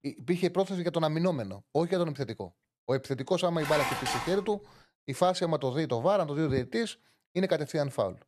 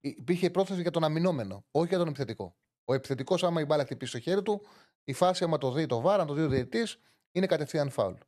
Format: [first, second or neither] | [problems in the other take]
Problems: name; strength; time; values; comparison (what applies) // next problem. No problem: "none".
second | clattering dishes; noticeable; at 3.5 s; peak level with the speech